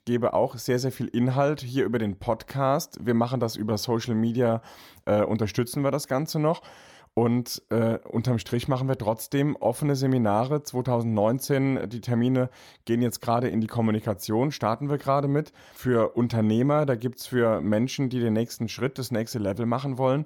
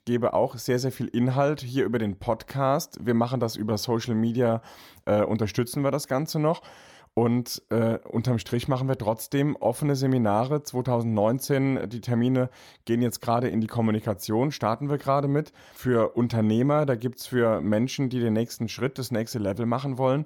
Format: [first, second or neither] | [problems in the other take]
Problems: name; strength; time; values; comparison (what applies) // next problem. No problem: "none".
neither | none